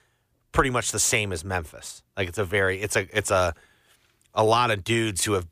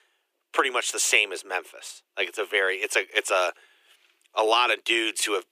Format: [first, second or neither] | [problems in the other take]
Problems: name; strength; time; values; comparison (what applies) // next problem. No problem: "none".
first | thin; very; fading below 350 Hz